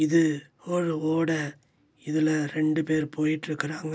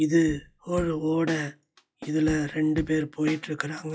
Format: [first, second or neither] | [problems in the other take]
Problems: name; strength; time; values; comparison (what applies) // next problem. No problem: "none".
first | noise reduction (classical method log-MMSE)